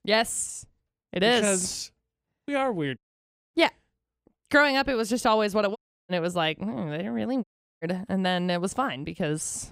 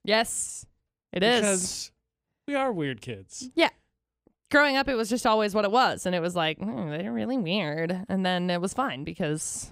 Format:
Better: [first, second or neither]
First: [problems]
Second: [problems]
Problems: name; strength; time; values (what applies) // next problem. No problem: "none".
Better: second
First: audio cutting out; at 3 s for 0.5 s, at 6 s and at 7.5 s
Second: none